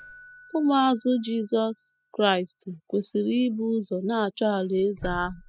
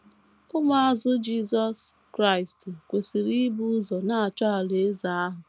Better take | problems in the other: second | noise reduction (classical method spectral subtraction)

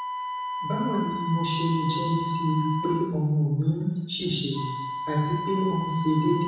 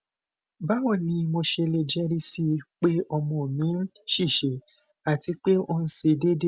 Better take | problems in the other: second | background sound (Wind instrument, woodwind instrument); 6 dB below the speech // room echo; dies away in 1 s

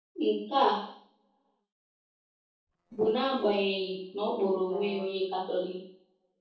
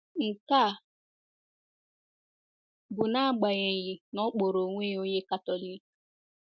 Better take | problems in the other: second | noise reduction (neural separator model SepFormer DNS4)

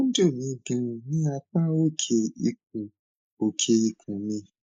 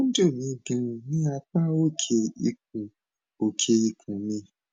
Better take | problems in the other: second | noise reduction (neural mask model Resemble Enhance denoiser)

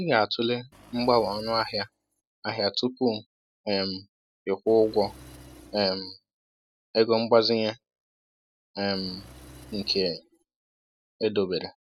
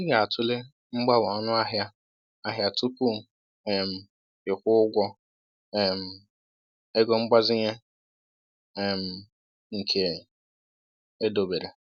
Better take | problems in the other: second | noise reduction (classical method spectral subtraction)

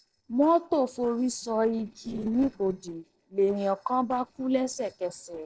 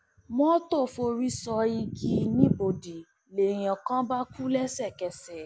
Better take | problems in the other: second | noise reduction (neural separator model SepFormer DNS4)

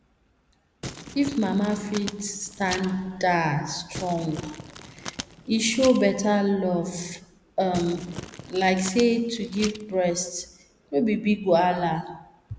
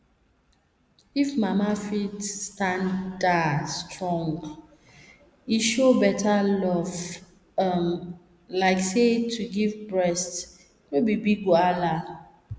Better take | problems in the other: second | background sound (Crumpling, crinkling); 13 dB below the speech

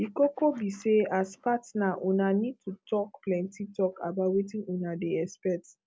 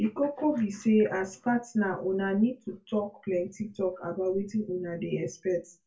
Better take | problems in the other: first | room echo; dies away in 0.2 s

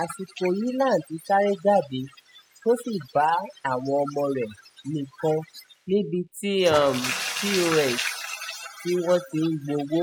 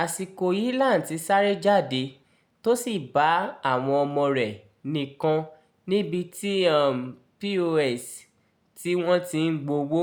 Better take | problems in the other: second | noise reduction (classical method spectral subtraction)

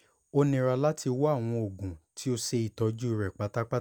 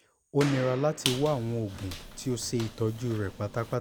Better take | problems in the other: first | background sound (Squeak + Boom); 10 dB below the speech

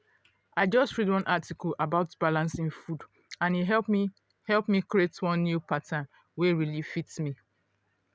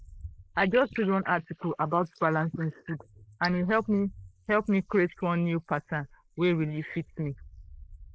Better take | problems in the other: first | noise reduction (neural mask model Resemble Enhance denoiser)

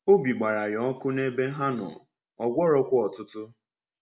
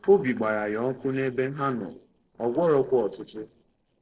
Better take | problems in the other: first | noise reduction (neural separator model SepFormer DNS4)

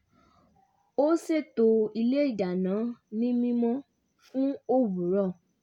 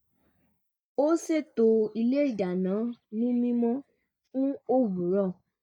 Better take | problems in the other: first | noise reduction (neural mask model DeepFilterNet 3)

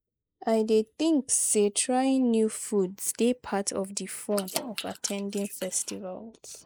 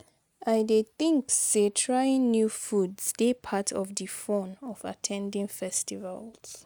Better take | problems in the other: second | noise reduction (neural mask model Resemble Enhance denoiser)

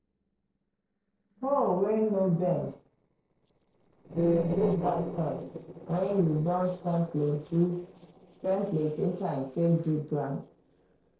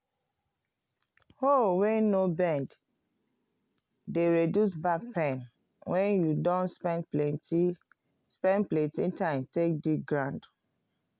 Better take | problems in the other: second | noise reduction (neural separator model SepFormer DNS4)

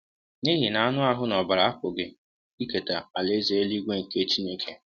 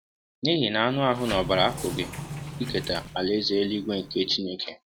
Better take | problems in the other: first | background sound (Sliding door); 11 dB below the speech

